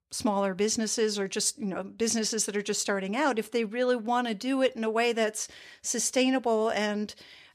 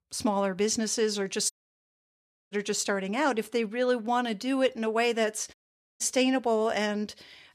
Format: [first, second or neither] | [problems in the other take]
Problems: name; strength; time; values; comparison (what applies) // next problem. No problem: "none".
first | audio cutting out; at 1.5 s for 1 s and at 5.5 s